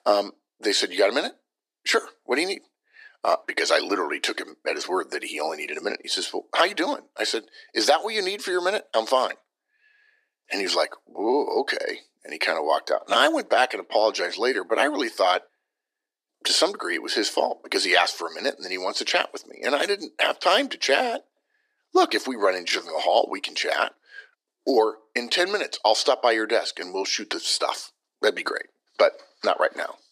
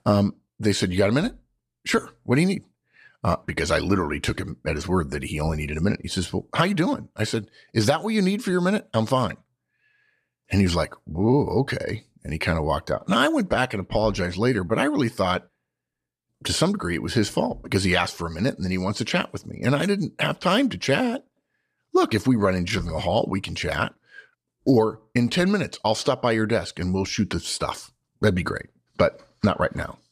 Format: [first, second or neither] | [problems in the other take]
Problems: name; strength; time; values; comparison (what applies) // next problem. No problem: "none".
second | thin; very; fading below 300 Hz